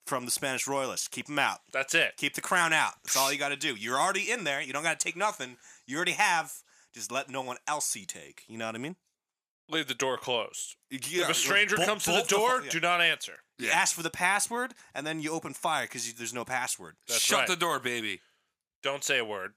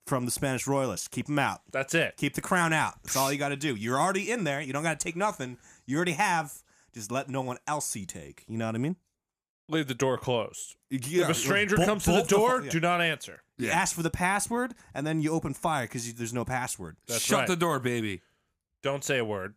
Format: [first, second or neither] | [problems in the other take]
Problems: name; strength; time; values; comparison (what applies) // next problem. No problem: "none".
second | thin; somewhat; fading below 650 Hz